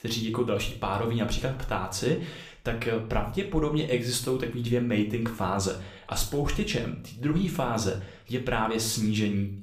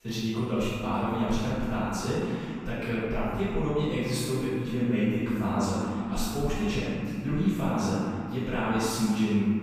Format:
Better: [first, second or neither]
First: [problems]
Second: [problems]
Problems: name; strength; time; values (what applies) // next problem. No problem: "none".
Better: first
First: room echo; slight; dies away in 0.4 s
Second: room echo; strong; dies away in 3 s // off-mic speech; far